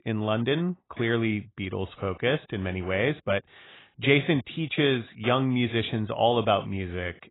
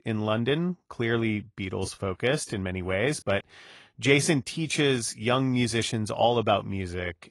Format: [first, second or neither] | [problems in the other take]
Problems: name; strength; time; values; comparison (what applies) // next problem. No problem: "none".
second | garbled, watery; badly; nothing above 3.5 kHz; slightly in the second